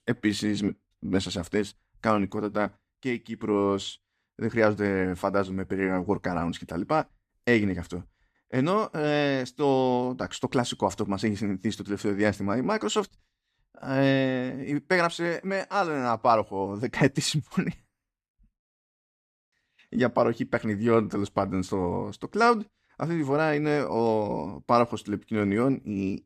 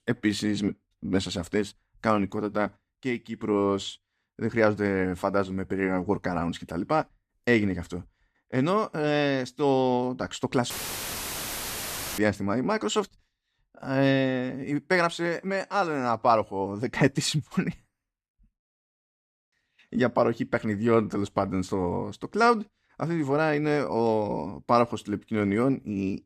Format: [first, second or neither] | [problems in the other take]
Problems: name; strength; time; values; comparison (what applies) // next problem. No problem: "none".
first | audio cutting out; filled with static; at 11 s for 1.5 s